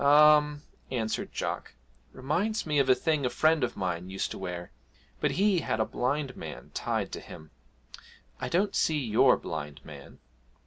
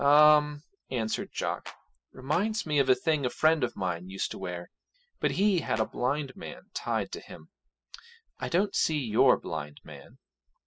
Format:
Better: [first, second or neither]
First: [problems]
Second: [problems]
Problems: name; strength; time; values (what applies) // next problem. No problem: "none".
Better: first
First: none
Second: noise reduction (classical method spectral subtraction)